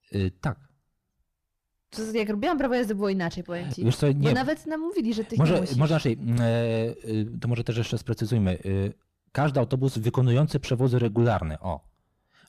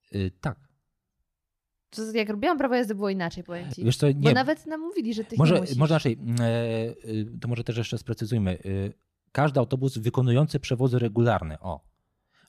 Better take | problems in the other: second | distortion; slight; 10 dB below the speech

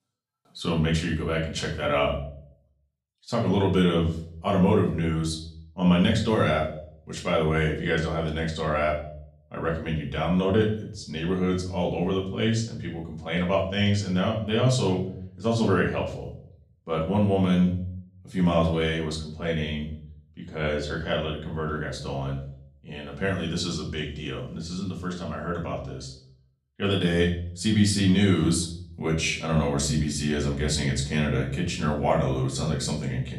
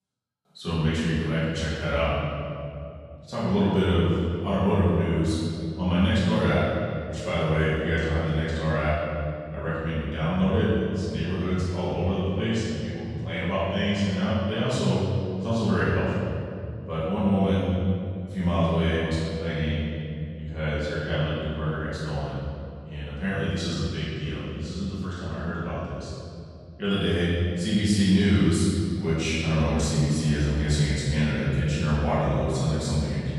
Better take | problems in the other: first | room echo; strong; dies away in 2.7 s; slight in the first // off-mic speech; far; far in the first

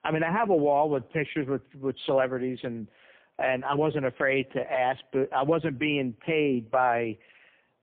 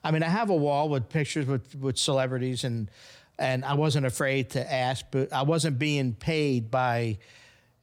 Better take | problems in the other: second | phone-call audio; poor line

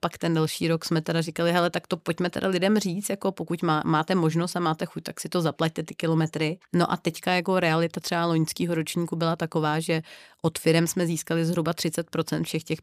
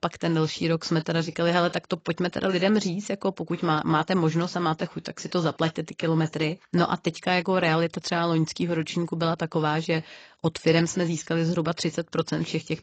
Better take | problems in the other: first | garbled, watery; badly; nothing above 7.5 kHz

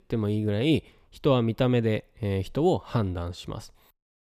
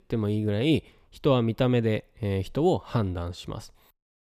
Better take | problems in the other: neither | none

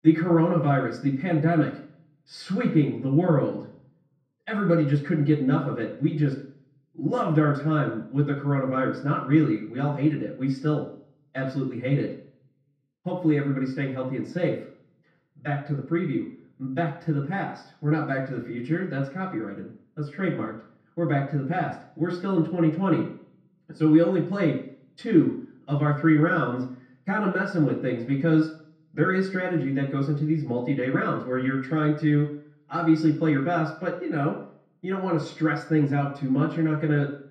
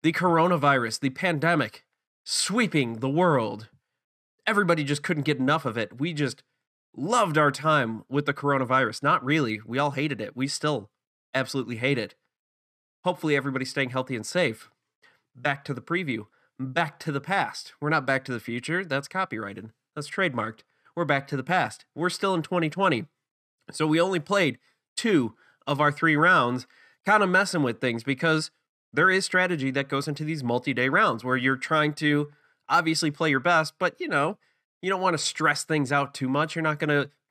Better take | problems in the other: second | room echo; noticeable; dies away in 0.6 s // off-mic speech; far

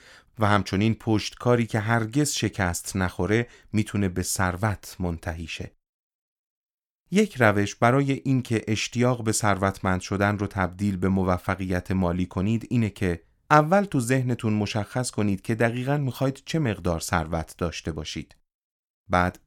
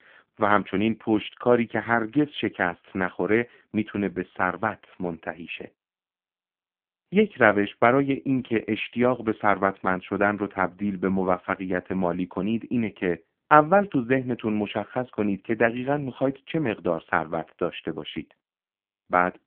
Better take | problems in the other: first | phone-call audio; poor line; nothing above 3.5 kHz

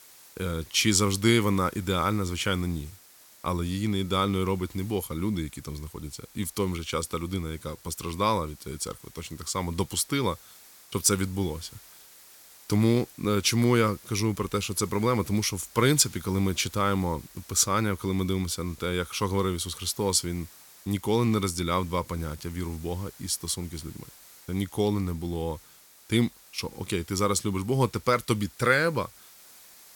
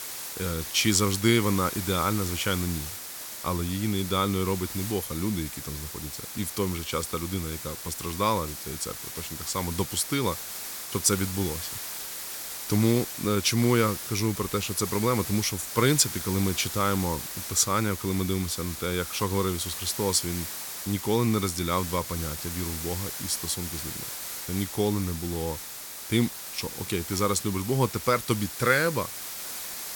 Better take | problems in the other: first | hiss; loud; throughout; 7 dB below the speech; faint in the first

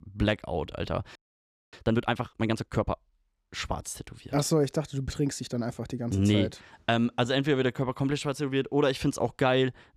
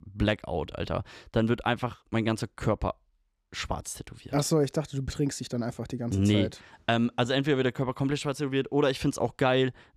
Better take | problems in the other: second | audio freezing; at 1 s for 0.5 s

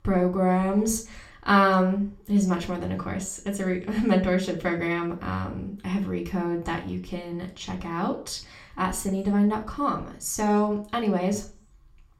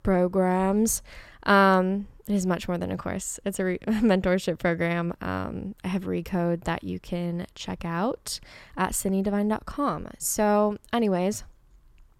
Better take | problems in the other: second | room echo; very slight; dies away in 0.3 s // off-mic speech; far

